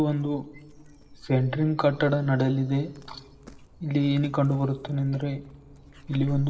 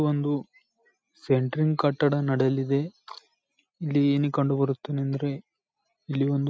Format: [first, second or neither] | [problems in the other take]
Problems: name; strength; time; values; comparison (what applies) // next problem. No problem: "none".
second | background sound (Dog); 19 dB below the speech // room echo; dies away in 1.5 s